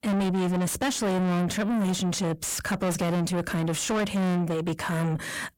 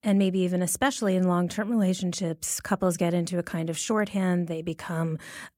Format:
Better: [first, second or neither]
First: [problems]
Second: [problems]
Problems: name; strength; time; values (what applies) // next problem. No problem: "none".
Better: second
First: distortion; heavy; 6 dB below the speech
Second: none